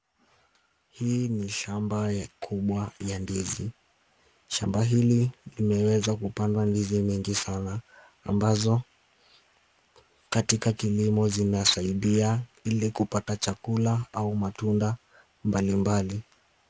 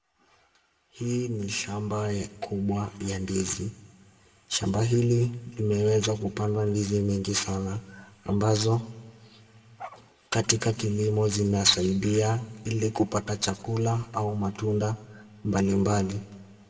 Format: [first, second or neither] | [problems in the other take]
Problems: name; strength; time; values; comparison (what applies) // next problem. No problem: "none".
first | background sound (Dog); 19 dB below the speech // room echo; dies away in 0.9 s